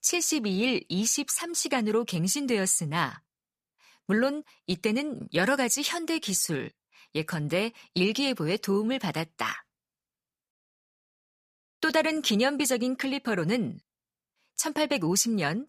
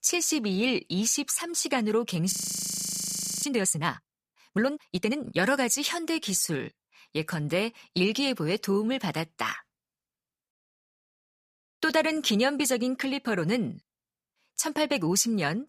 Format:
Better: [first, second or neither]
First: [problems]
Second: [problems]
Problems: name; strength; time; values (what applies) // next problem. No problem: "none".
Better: first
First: none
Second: audio freezing; at 2.5 s for 1 s